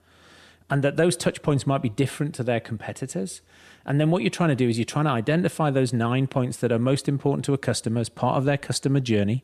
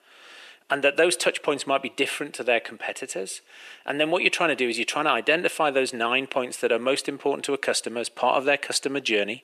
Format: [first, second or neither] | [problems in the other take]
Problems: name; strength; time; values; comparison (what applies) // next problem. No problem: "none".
first | thin; very; fading below 400 Hz